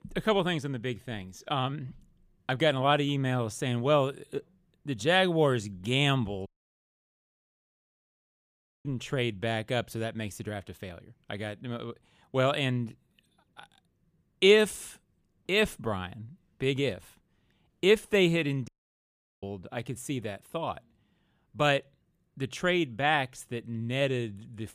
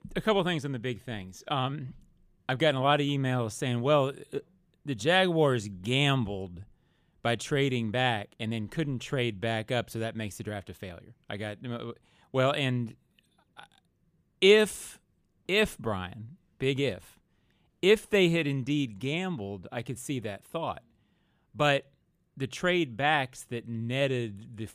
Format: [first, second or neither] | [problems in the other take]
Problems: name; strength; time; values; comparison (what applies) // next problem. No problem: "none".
second | audio cutting out; at 6.5 s for 2.5 s and at 19 s for 0.5 s